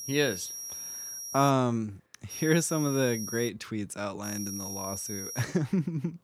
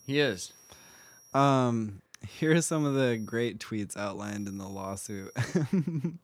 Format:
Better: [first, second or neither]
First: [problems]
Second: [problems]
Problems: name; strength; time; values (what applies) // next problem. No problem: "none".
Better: second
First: high-pitched whine; loud; until 1.5 s, from 2.5 to 3.5 s and from 4 to 5.5 s; 5.5 kHz, 7 dB below the speech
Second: high-pitched whine; faint; until 1.5 s, from 2.5 to 3.5 s and from 4 to 5.5 s; 5.5 kHz, 25 dB below the speech